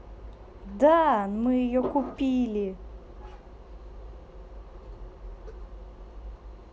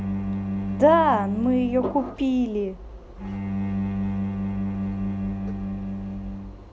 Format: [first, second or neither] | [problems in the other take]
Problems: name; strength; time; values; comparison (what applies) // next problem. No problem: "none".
first | background sound (Bowed string instrument); 3 dB below the speech